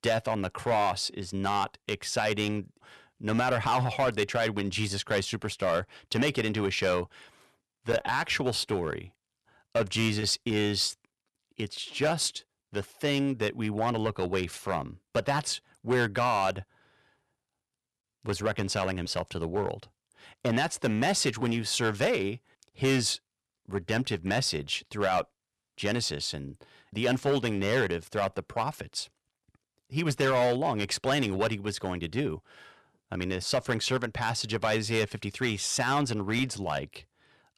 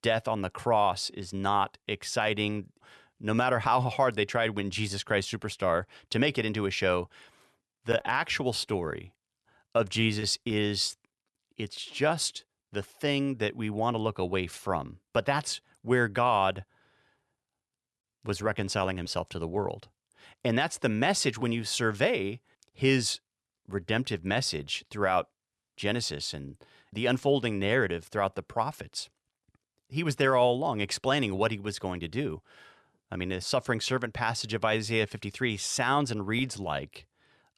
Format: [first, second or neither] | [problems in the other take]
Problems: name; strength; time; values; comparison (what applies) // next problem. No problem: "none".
second | distortion; slight; 4% of the sound clipped